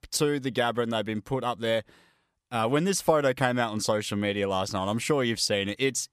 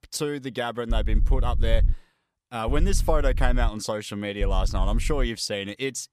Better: first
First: none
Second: low rumble; noticeable; from 1 to 2 s, from 2.5 to 3.5 s and at 4.5 s; 20 dB below the speech

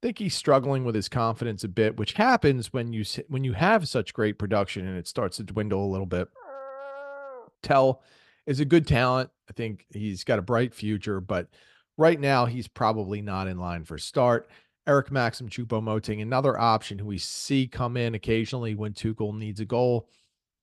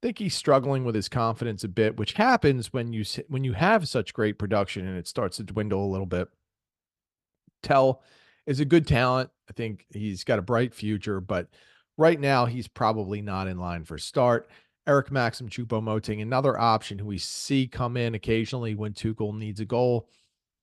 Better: second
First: dog barking; faint; from 6.5 to 7.5 s; peak 15 dB below the speech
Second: none

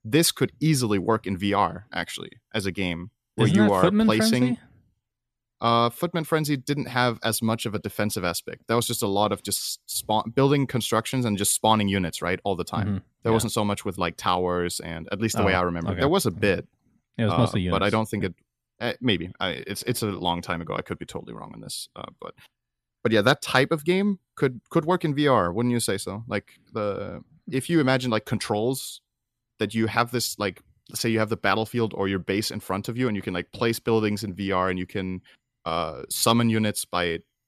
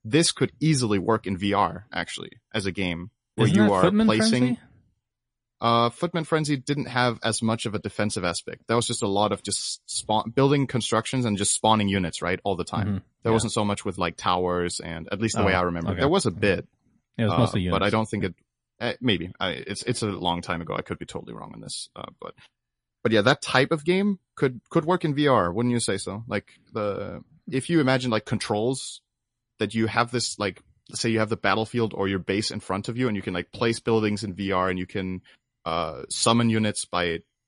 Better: first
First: none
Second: garbled, watery; slightly; nothing above 10.5 kHz

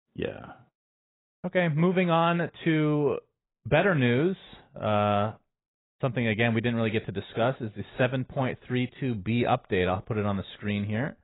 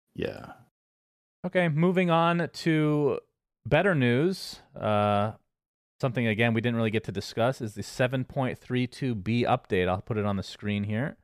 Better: second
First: garbled, watery; badly; nothing above 4 kHz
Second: none

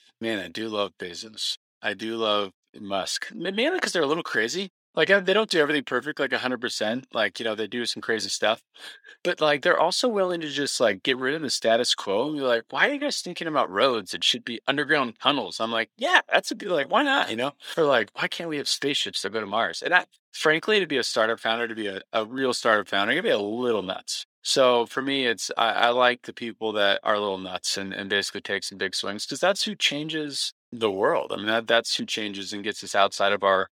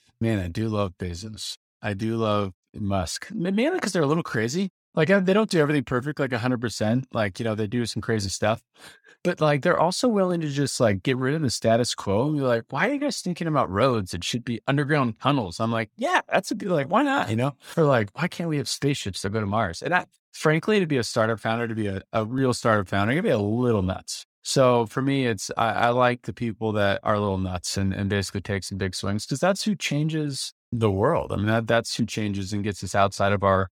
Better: second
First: thin; somewhat; fading below 350 Hz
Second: none

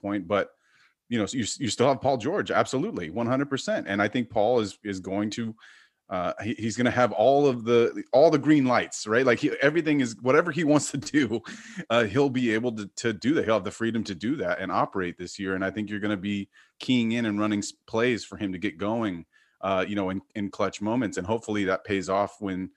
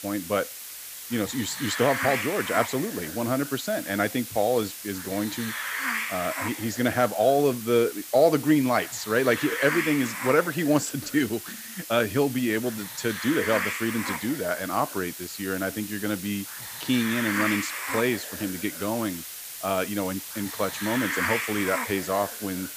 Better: first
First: none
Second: hiss; loud; throughout; 6 dB below the speech

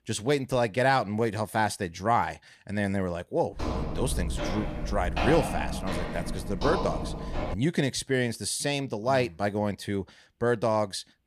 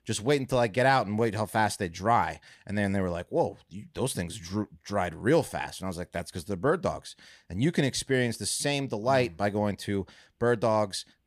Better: second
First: footsteps; noticeable; from 3.5 to 7.5 s; peak level with the speech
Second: none

